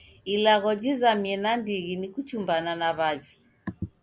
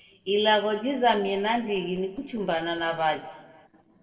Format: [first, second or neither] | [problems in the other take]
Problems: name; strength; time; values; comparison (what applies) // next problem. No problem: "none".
first | noise reduction (neural separator model SepFormer DNS4)